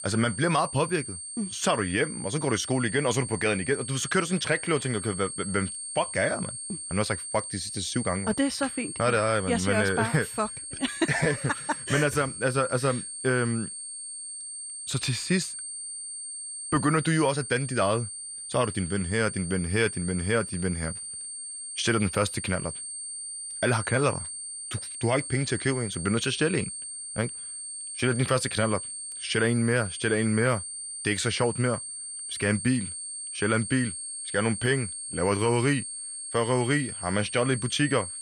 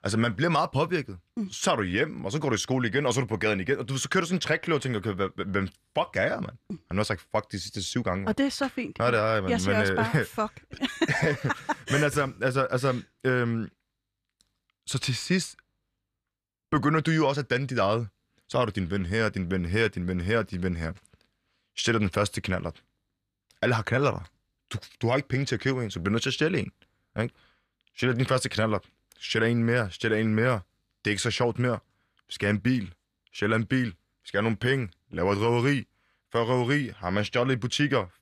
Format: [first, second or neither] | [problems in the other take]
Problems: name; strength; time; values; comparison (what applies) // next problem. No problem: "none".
second | high-pitched whine; loud; throughout; 8.5 kHz, 7 dB below the speech